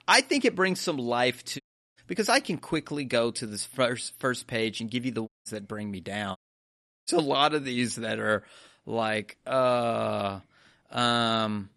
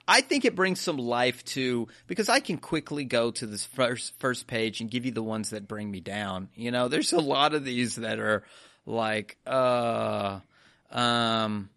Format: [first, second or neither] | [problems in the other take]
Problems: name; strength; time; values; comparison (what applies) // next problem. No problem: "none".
second | audio cutting out; at 1.5 s, at 5.5 s and at 6.5 s for 0.5 s